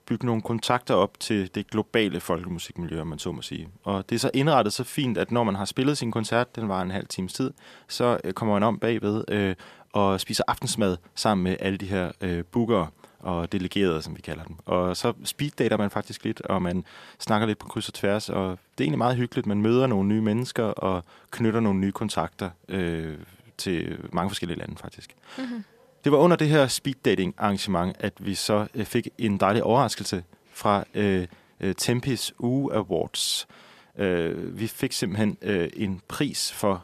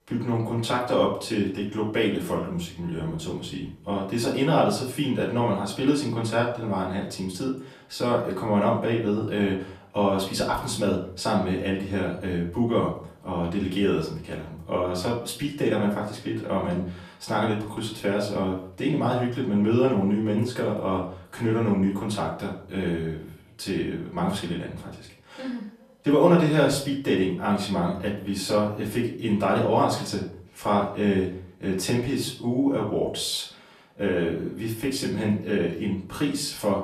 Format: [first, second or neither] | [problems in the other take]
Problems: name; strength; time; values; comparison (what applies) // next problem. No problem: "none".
first | off-mic speech; far // room echo; slight; dies away in 0.4 s